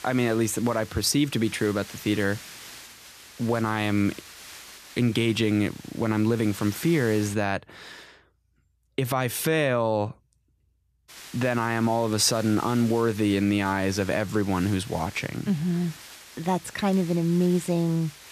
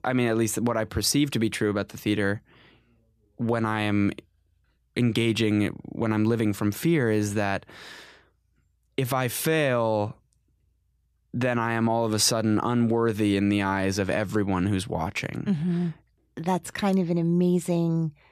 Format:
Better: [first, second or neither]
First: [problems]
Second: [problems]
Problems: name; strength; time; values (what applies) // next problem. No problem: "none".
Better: second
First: hiss; noticeable; until 7.5 s and from 11 s on; 20 dB below the speech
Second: none